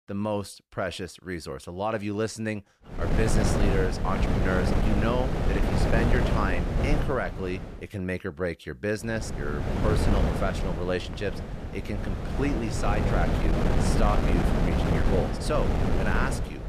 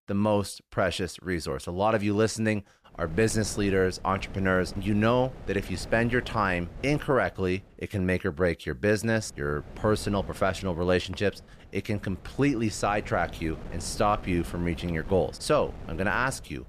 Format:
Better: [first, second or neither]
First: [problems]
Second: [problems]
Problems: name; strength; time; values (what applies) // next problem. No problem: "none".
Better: second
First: wind noise on the microphone; heavy; from 3 to 8 s and from 9 s on; 1 dB below the speech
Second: wind noise on the microphone; occasional gusts; from 3 to 8 s and from 9 s on; 20 dB below the speech